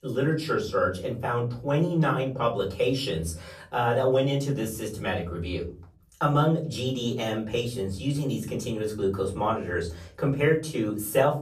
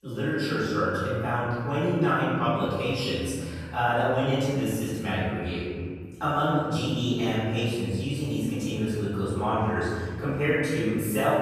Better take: first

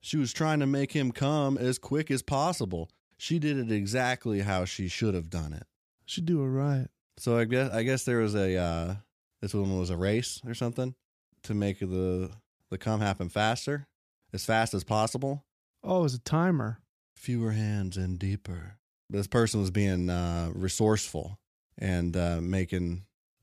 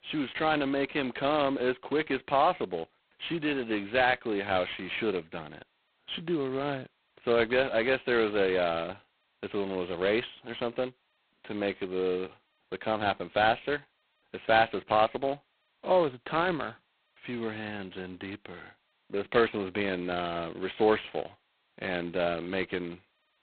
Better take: first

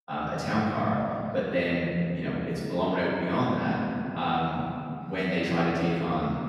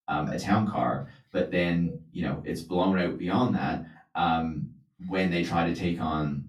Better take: second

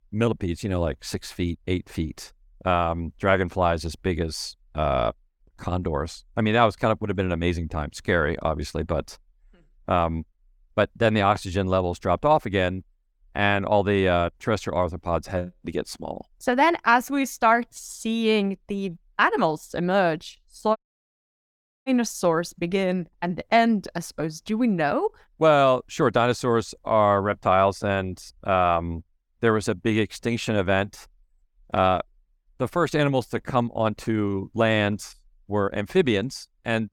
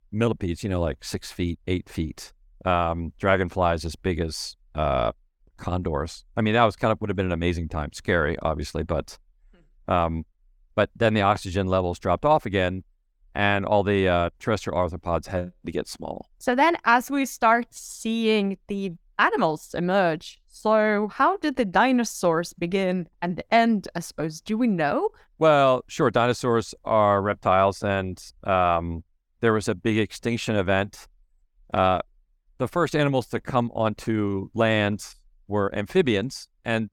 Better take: second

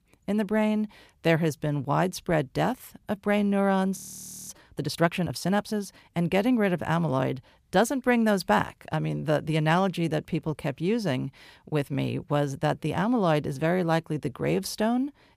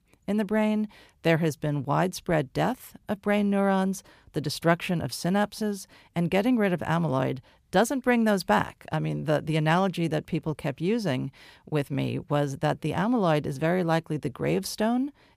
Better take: second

